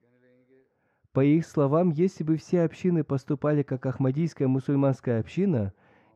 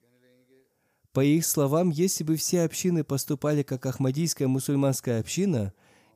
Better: second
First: muffled; very; fading above 1.5 kHz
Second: none

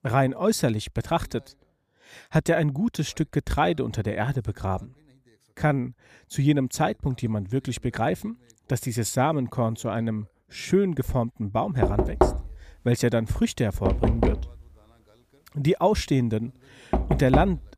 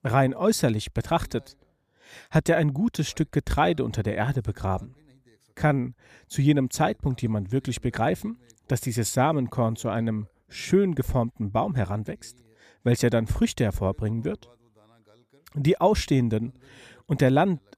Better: second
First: door banging; loud; from 12 s on; peak 3 dB above the speech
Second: none

